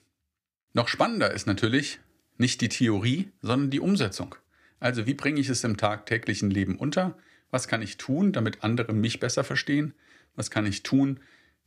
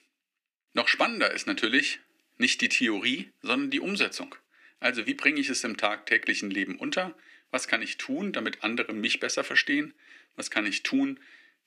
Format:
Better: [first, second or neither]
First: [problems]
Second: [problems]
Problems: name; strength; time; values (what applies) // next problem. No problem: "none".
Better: first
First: none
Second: thin; very slightly; fading below 250 Hz